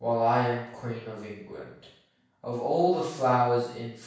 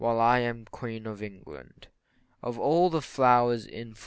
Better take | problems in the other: second | room echo; dies away in 0.7 s

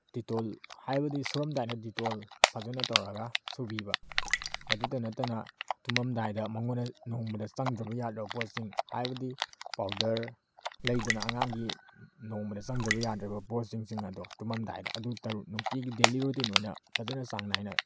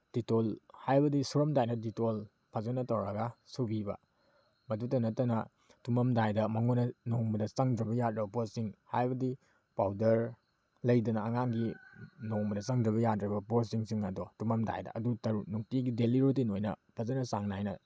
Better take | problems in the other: second | background sound (Raindrop + Typing); 1 dB below the speech

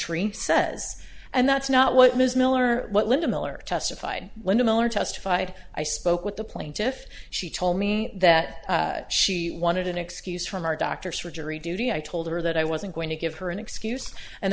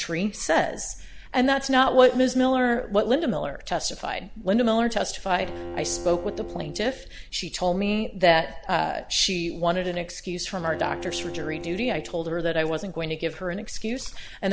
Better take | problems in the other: first | background sound (Bowed string instrument); 15 dB below the speech

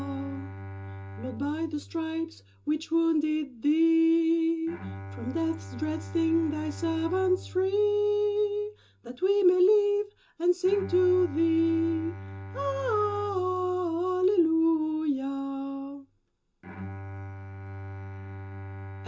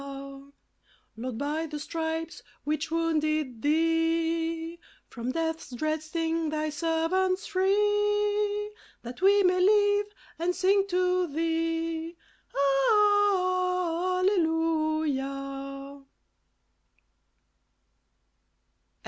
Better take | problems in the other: second | background sound (Bowed string instrument); 14 dB below the speech // room echo; dies away in 0.2 s

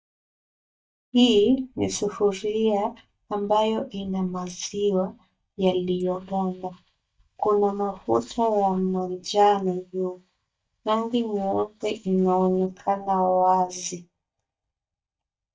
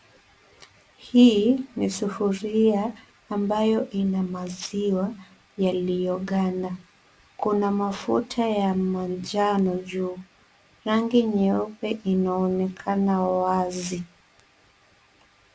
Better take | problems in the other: second | noise reduction (neural mask model DeepFilterNet 3)

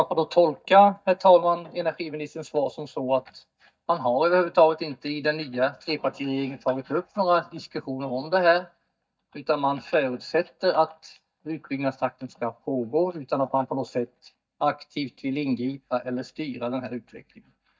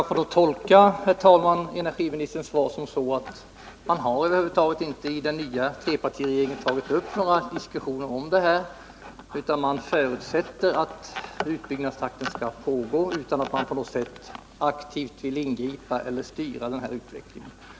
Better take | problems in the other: second | noise reduction (neural mask model DeepFilterNet 3)

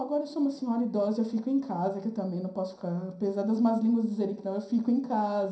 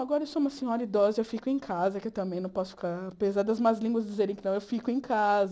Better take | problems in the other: second | room echo; dies away in 0.5 s

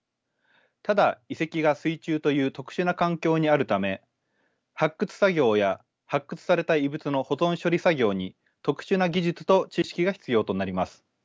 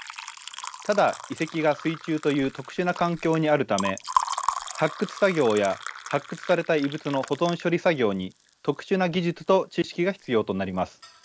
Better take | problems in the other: first | background sound (Liquid); 11 dB below the speech

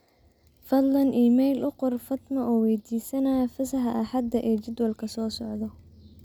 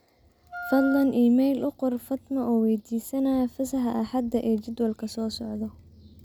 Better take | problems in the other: first | background sound (Wind instrument, woodwind instrument); 10 dB below the speech

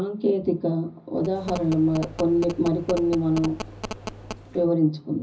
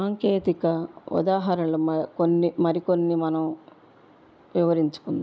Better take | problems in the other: second | background sound (Telephone); 13 dB below the speech // room echo; dies away in 0.4 s

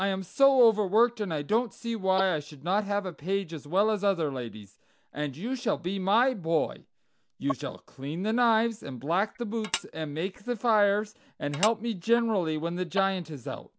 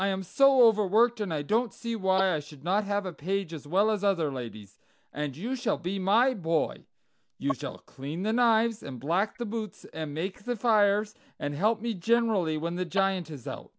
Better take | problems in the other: second | background sound (Tap / Dishes, pots, and pans); 7 dB below the speech

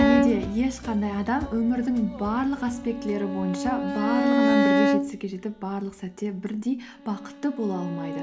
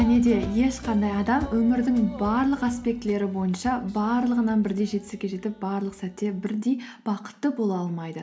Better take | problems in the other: second | background sound (Bowed string instrument); 1 dB below the speech

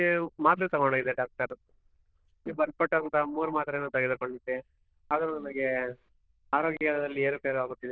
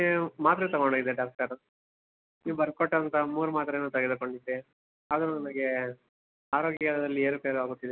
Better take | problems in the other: second | noise reduction (neural diffusion model UNIVERSE++)

